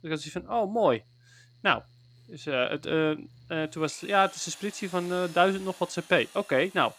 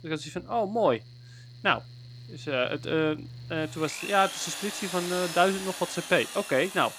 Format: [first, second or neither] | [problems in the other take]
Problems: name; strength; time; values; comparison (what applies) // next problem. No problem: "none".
first | machinery noise; loud; throughout; 10 dB below the speech; faint in the first